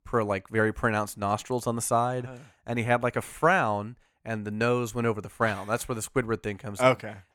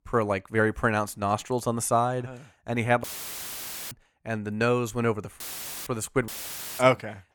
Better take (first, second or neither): first